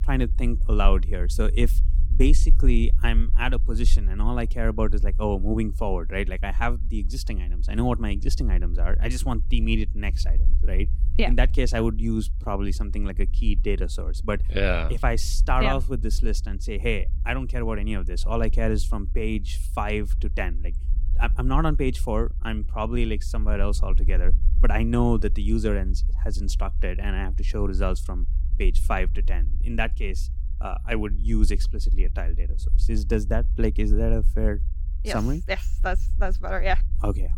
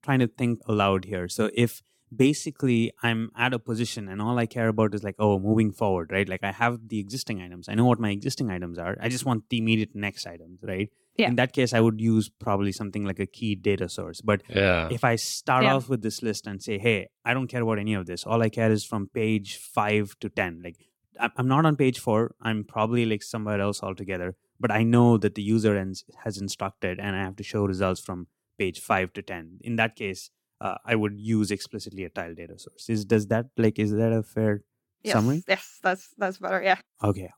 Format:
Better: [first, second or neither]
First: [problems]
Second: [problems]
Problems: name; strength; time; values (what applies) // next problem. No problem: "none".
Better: second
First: low rumble; noticeable; throughout; 20 dB below the speech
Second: none